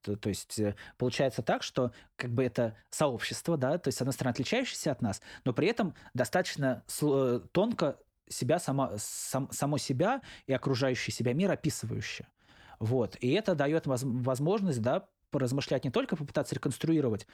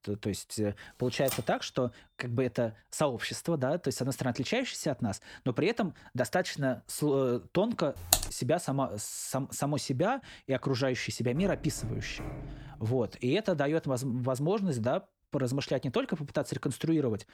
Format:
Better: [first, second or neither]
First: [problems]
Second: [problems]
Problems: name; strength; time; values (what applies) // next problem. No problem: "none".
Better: first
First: none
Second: keyboard typing; noticeable; at 1.5 s; peak 5 dB below the speech // keyboard typing; loud; at 8 s; peak 4 dB above the speech // door banging; faint; from 11 to 13 s; peak 10 dB below the speech